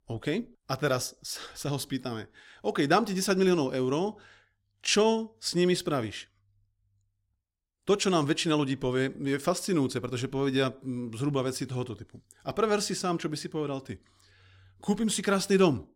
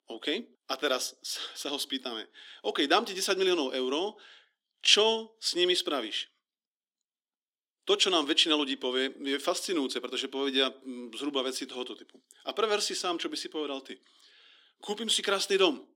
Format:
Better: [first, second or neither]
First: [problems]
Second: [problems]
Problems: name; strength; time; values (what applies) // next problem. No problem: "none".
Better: first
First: none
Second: thin; very slightly; fading below 250 Hz